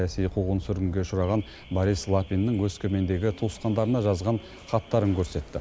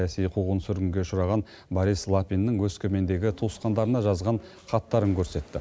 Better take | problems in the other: second | background sound (Alarm / Car); 19 dB below the speech

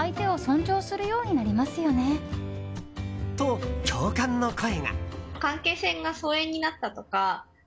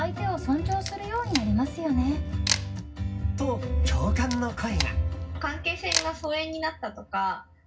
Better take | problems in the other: first | background sound (Camera); 9 dB below the speech // room echo; dies away in 0.4 s

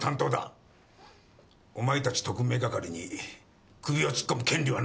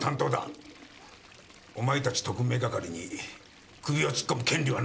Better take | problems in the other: first | background sound (Toilet flush); 19 dB below the speech

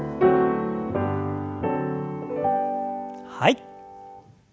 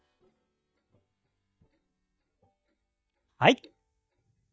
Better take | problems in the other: first | noise reduction (neural mask model DeepFilterNet 3)

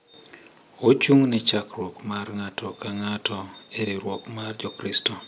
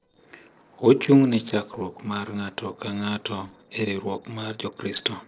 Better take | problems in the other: first | noise reduction (neural separator model SepFormer DNS4)

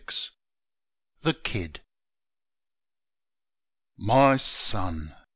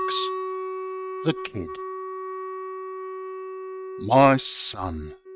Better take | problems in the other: first | noise reduction (neural mask model RNNoise)

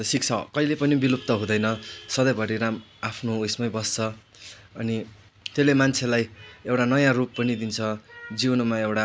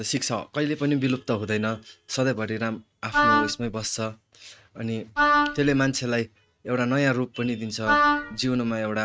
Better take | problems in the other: first | noise reduction (neural mask model RNNoise)

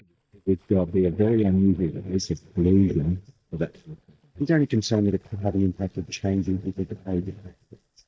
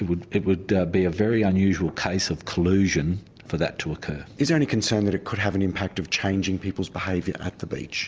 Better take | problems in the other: second | noise reduction (neural mask model DeepFilterNet 3)

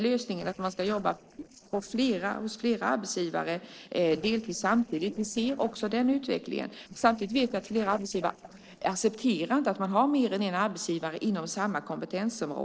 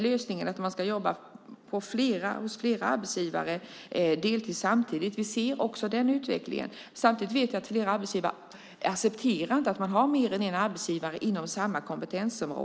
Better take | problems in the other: second | noise reduction (neural separator model SepFormer DNS4)

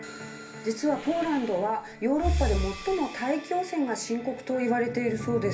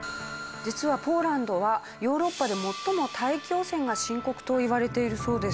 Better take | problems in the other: second | background sound (Breathing); 4 dB below the speech // room echo; dies away in 0.3 s

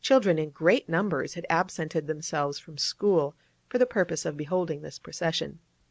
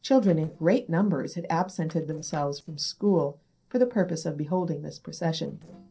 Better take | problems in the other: first | noise reduction (neural separator model SepFormer DNS4)

